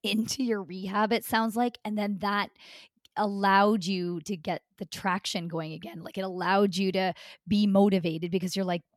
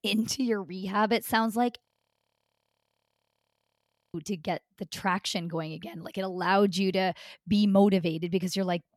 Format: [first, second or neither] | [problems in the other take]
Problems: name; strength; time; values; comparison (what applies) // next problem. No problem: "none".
first | audio freezing; at 2 s for 2.5 s